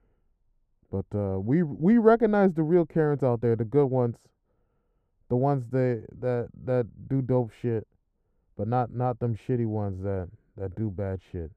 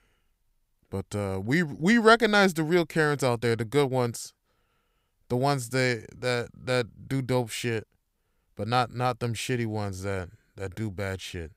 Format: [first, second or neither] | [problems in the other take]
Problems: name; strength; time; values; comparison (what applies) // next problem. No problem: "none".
second | muffled; very; fading above 1.5 kHz